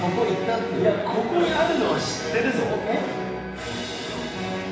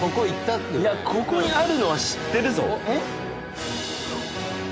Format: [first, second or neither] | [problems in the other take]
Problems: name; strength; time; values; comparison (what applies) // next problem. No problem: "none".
second | room echo; dies away in 0.9 s